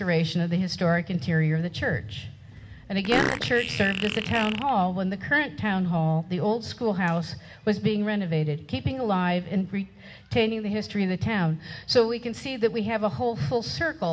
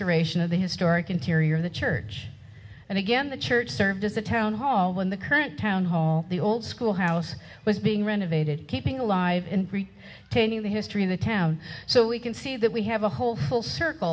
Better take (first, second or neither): second